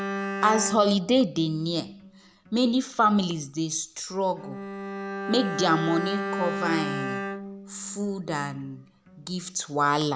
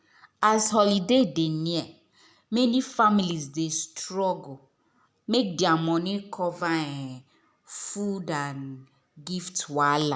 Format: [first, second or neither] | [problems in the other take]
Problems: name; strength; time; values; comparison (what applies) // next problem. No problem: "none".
second | background sound (Bowed string instrument); 8 dB below the speech